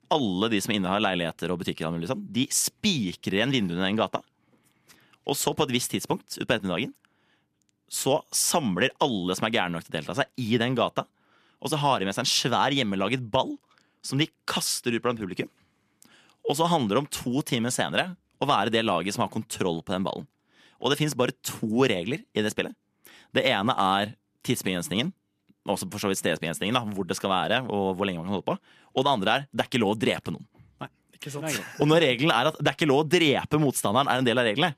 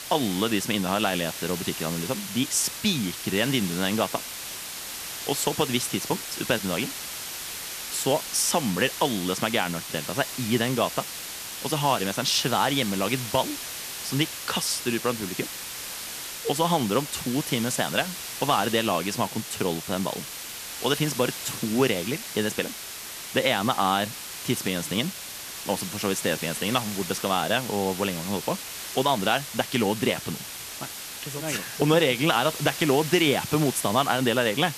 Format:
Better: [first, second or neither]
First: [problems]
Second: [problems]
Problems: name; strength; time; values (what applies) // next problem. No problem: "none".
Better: first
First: none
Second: hiss; loud; throughout; 7 dB below the speech